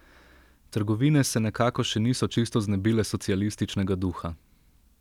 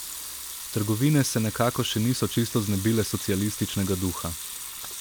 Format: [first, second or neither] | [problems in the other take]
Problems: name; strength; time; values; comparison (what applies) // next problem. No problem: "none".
first | background sound (Sink (filling or washing) / Water tap, faucet / Liquid); 10 dB below the speech